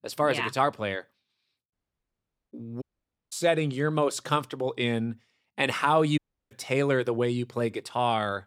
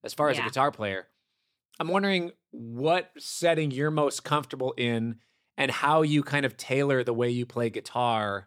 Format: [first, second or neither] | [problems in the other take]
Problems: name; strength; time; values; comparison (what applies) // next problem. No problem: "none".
second | audio cutting out; at 1.5 s for 1 s, at 3 s and at 6 s